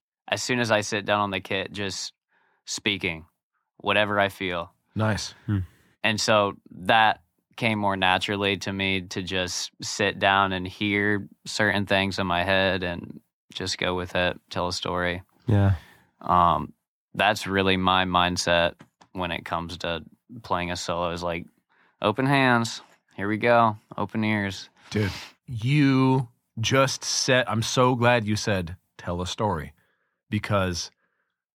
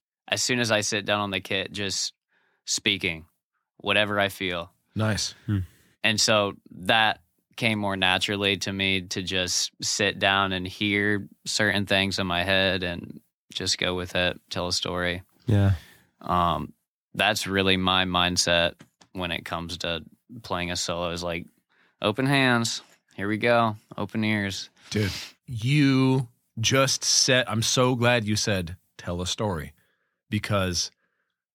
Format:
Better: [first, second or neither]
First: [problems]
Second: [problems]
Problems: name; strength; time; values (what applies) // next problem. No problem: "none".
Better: second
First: muffled; very slightly; fading above 3 kHz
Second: none